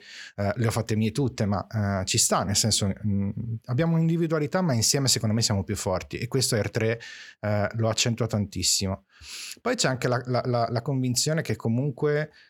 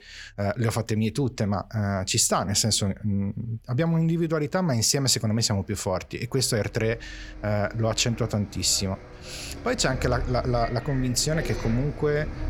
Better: first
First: none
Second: traffic noise; noticeable; throughout; 15 dB below the speech

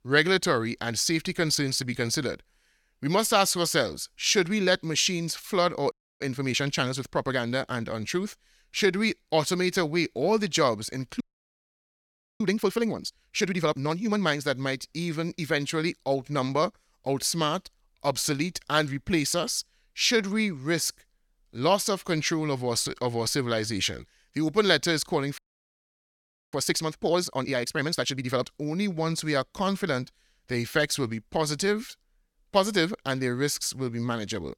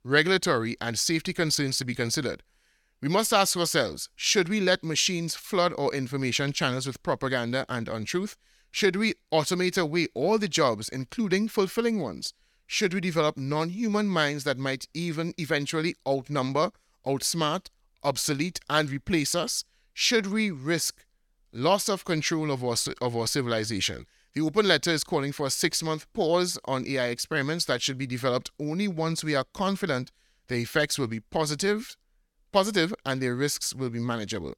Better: second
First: audio freezing; at 6 s, at 11 s for 1 s and at 25 s for 1 s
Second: none

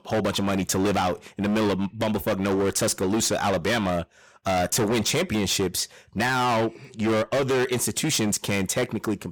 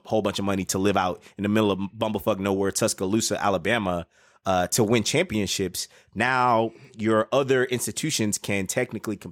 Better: second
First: distortion; heavy; 22% of the sound clipped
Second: none

